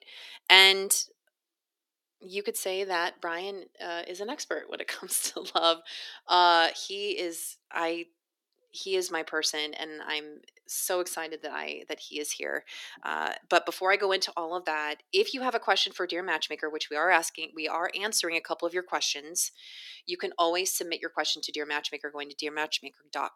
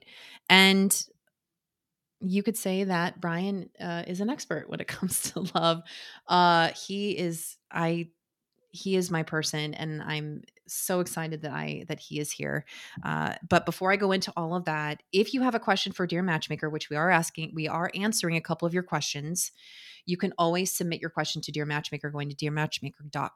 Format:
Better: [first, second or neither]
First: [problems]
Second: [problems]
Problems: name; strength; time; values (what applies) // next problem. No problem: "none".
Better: second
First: thin; very; fading below 350 Hz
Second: none